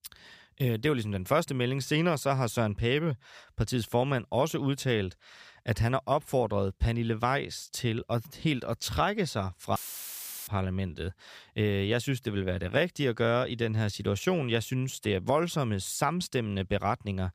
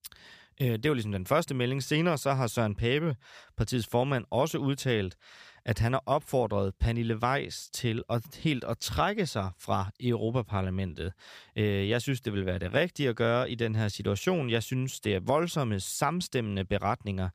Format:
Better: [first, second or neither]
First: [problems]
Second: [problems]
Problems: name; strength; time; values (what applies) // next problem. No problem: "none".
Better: second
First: audio cutting out; filled with static; at 10 s for 0.5 s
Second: none